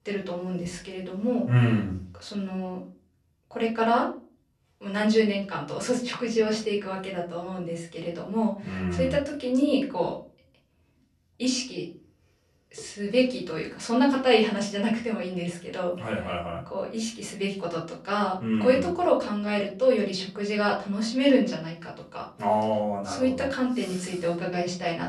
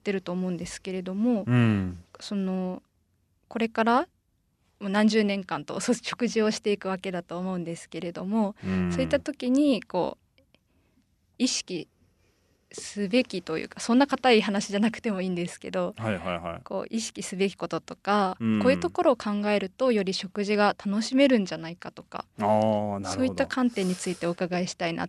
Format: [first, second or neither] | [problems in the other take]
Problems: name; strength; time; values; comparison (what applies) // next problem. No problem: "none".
second | room echo; slight; dies away in 0.3 s // off-mic speech; far